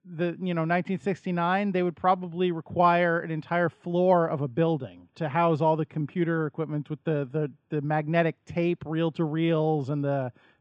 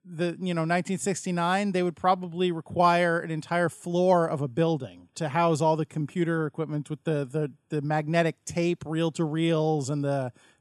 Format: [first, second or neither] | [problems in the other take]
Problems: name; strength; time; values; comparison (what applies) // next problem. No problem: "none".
second | muffled; very; fading above 3 kHz